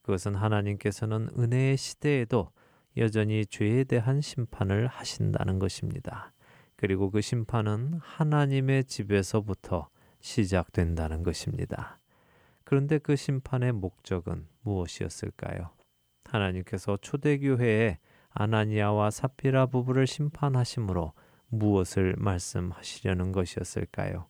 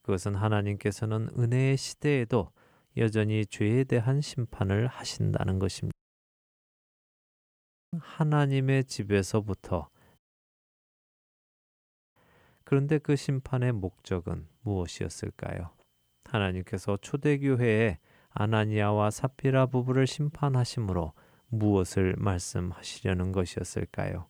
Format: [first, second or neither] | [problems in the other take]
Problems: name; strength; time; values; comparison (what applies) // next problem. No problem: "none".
first | audio cutting out; at 6 s for 2 s and at 10 s for 2 s